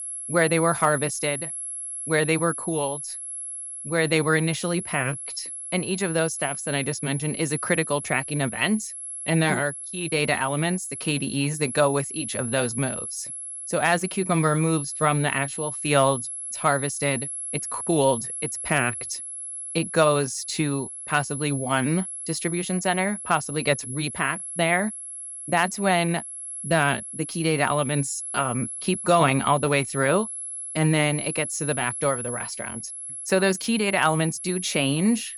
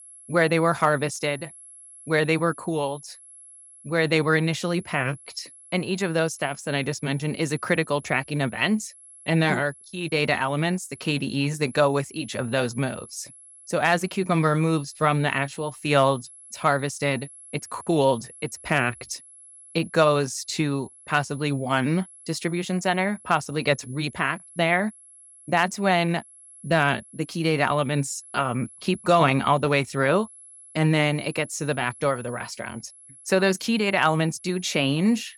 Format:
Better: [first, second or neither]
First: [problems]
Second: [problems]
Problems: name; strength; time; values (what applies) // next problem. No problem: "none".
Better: second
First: high-pitched whine; loud; throughout; 11 kHz, 7 dB below the speech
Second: high-pitched whine; faint; throughout; 11 kHz, 20 dB below the speech